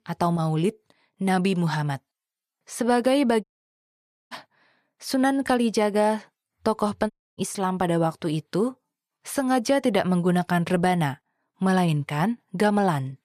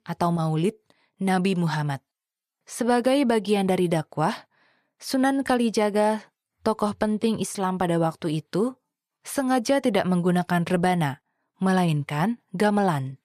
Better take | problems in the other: second | audio cutting out; at 3.5 s for 1 s and at 7 s

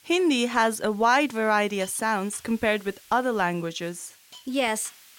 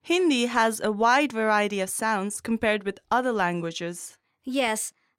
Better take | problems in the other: second | hiss; faint; throughout; 25 dB below the speech

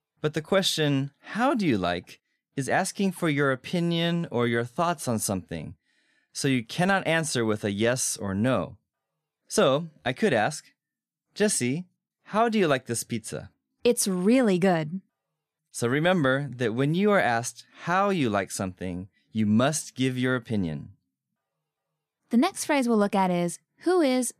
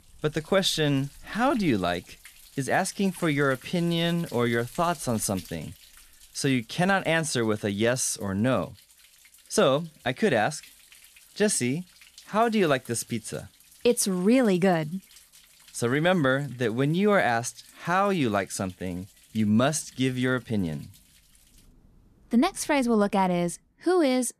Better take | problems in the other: first | rain or running water; faint; throughout; 25 dB below the speech

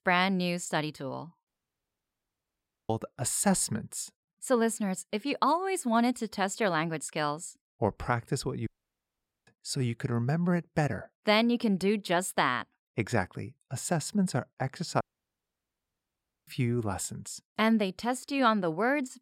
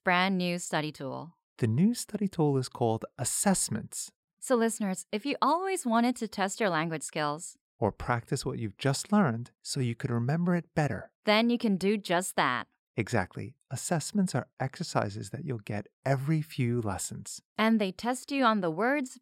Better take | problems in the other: second | audio cutting out; at 1.5 s for 1.5 s, at 8.5 s for 1 s and at 15 s for 1.5 s

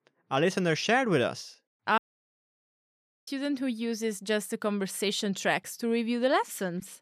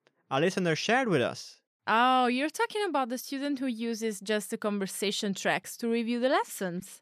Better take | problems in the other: second | audio cutting out; at 2 s for 1.5 s

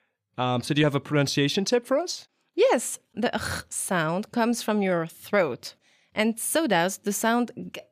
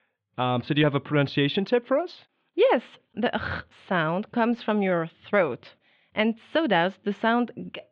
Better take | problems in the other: first | muffled; very; fading above 3.5 kHz

